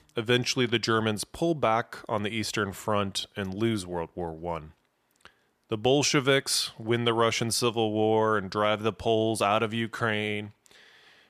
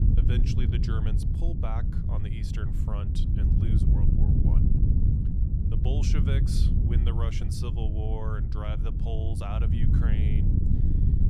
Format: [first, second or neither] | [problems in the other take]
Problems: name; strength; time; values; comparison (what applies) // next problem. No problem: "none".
first | wind noise on the microphone; heavy; 1 dB above the speech